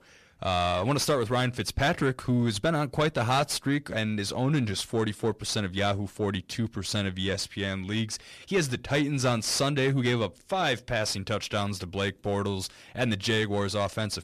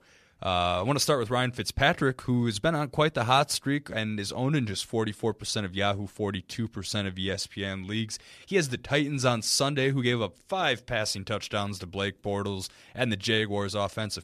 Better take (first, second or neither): second